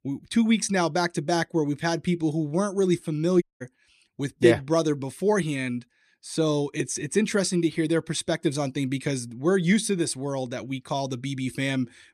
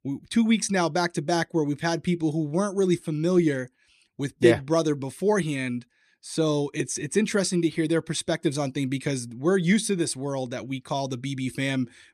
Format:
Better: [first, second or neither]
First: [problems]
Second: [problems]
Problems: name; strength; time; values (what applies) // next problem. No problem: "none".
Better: second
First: audio cutting out; at 3.5 s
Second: none